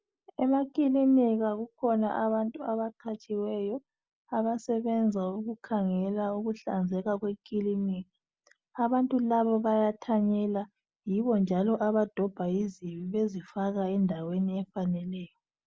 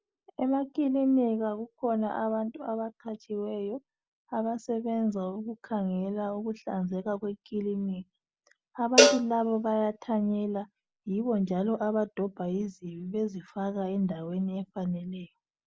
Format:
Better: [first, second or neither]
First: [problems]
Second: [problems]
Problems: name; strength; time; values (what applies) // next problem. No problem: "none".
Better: first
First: none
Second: background sound (Cowbell); 3 dB above the speech